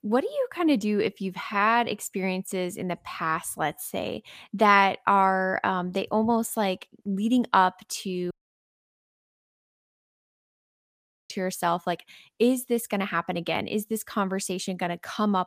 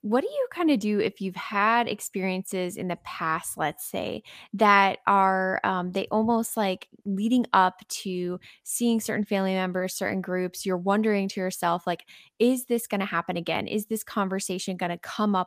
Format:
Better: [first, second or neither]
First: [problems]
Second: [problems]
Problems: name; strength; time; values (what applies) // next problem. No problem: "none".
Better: second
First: audio cutting out; at 8.5 s for 3 s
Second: none